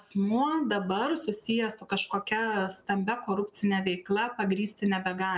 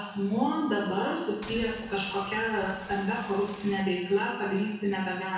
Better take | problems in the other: first | background sound (Boat, Water vehicle); 16 dB below the speech // room echo; dies away in 1 s

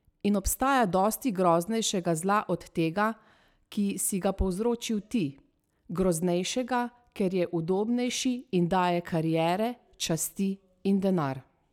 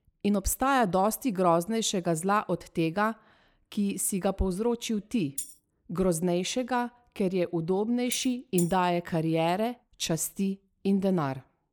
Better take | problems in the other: first | noise reduction (neural mask model Resemble Enhance denoiser)

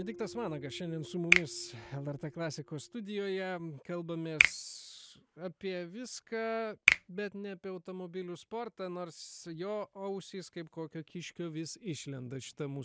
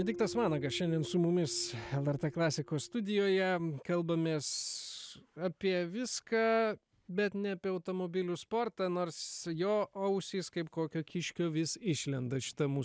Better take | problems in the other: second | background sound (Finger snapping); 4 dB above the speech

